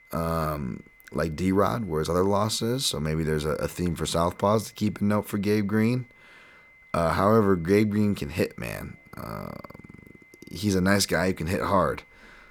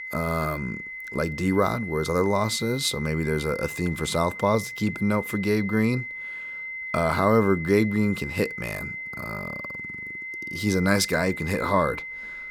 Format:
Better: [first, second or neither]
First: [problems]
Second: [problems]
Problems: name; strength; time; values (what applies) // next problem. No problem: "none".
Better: first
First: high-pitched whine; faint; throughout; 2 kHz, 30 dB below the speech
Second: high-pitched whine; loud; throughout; 2 kHz, 9 dB below the speech